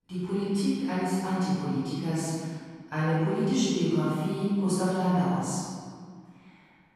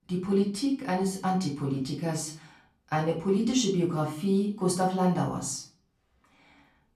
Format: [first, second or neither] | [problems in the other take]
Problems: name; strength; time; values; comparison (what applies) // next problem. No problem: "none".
second | room echo; strong; dies away in 1.7 s; slight in the second // off-mic speech; far; far in the second